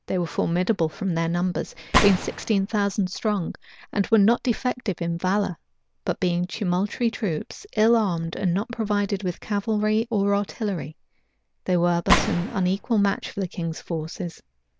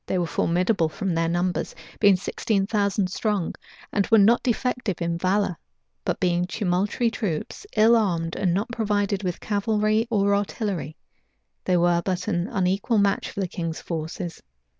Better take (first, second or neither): second